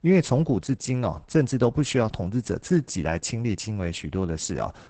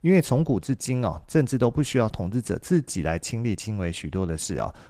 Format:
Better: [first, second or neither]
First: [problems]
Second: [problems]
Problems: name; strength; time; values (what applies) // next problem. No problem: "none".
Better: second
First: garbled, watery; badly; nothing above 8 kHz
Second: garbled, watery; slightly; nothing above 15 kHz